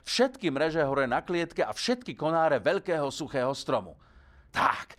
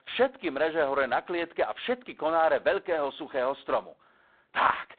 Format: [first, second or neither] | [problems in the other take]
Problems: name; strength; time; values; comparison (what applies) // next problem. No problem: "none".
first | phone-call audio; poor line; nothing above 4 kHz